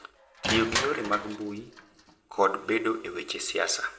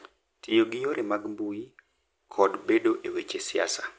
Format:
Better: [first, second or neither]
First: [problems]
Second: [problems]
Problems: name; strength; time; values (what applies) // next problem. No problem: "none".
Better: second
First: background sound (Crushing); 7 dB below the speech // room echo; dies away in 0.5 s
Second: none